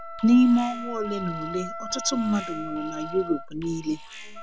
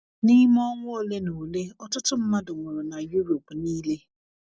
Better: second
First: background sound (Wind instrument, woodwind instrument + Alarm); 11 dB below the speech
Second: none

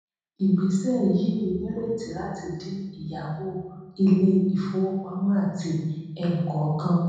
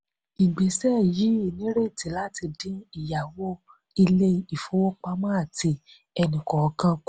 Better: second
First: room echo; dies away in 1.3 s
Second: none

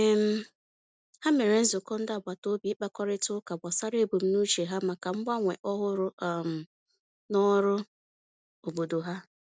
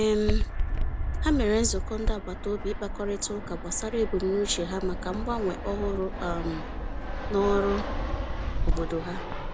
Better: first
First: none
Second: background sound (Fixed-wing aircraft, airplane); as loud as the speech

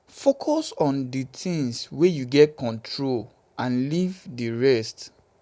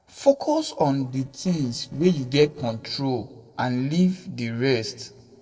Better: first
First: none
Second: noise reduction (neural separator model SepFormer DNS4)

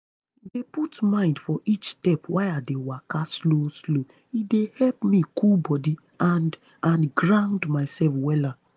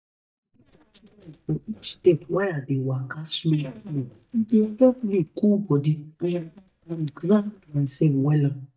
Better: first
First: none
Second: noise reduction (neural mask model DeepFilterNet 3)

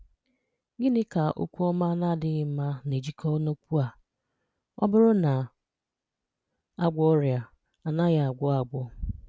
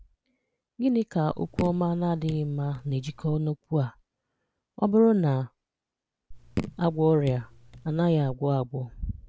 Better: first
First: none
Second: background sound (Raindrop / Drip); 11 dB below the speech

